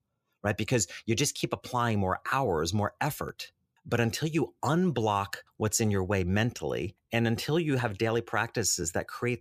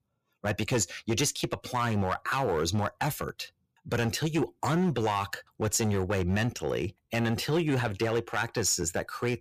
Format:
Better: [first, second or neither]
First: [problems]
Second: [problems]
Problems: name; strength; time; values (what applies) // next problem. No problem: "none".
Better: first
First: none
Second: distortion; slight; 7% of the sound clipped